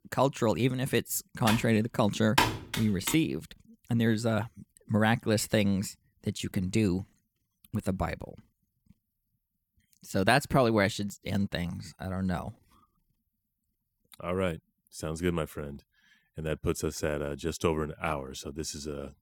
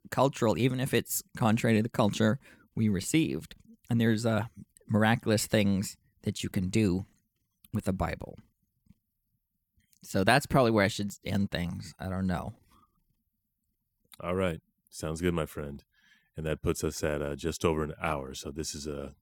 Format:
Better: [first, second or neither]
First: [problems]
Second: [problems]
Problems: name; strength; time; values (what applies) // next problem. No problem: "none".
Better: second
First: keyboard typing; loud; from 1.5 to 3 s; peak 3 dB above the speech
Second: none